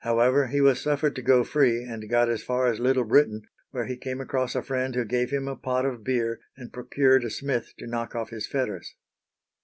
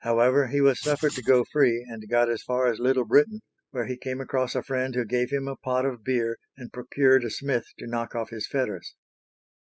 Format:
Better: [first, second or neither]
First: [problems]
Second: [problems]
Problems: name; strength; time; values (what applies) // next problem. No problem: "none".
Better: first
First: none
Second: noise reduction (classical method spectral subtraction)